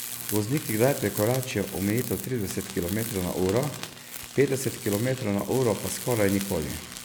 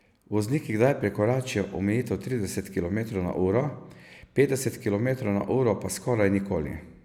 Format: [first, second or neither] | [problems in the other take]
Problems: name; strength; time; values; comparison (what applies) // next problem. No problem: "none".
second | background sound (Tools); 10 dB below the speech